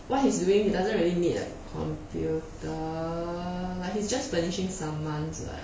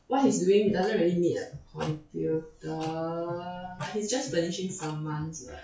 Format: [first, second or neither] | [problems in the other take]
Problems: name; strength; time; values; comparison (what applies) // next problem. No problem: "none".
first | noise reduction (classical method log-MMSE)